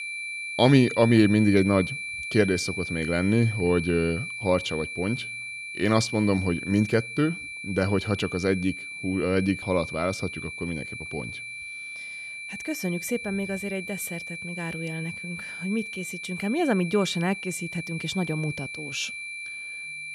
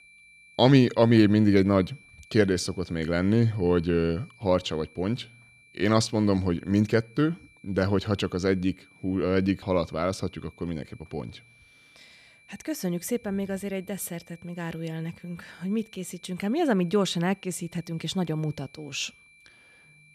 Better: second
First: high-pitched whine; loud; throughout; 2.5 kHz, 8 dB below the speech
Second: high-pitched whine; faint; throughout; 2.5 kHz, 30 dB below the speech

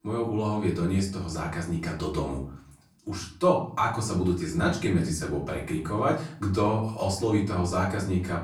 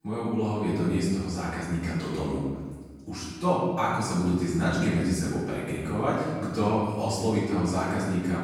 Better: first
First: room echo; slight; dies away in 0.5 s // off-mic speech; far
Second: room echo; strong; dies away in 1.3 s // off-mic speech; far

